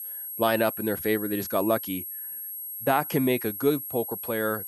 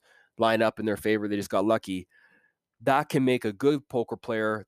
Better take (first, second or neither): second